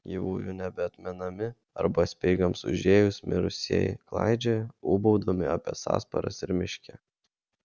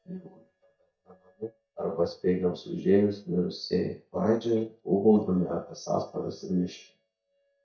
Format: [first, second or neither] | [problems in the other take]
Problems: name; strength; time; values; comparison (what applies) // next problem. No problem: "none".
first | noise reduction (neural mask model DeepFilterNet 3)